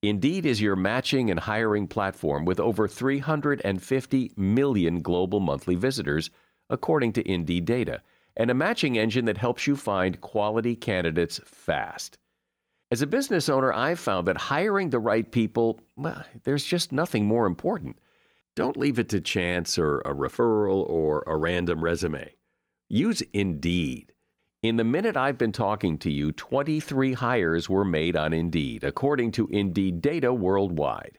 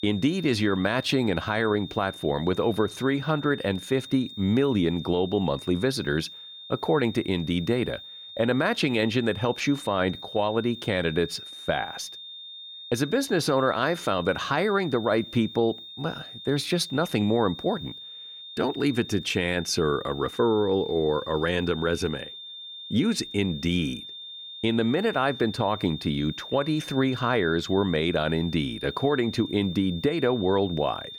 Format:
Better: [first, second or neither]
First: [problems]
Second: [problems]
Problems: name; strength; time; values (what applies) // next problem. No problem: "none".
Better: first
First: none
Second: high-pitched whine; noticeable; throughout; 3.5 kHz, 15 dB below the speech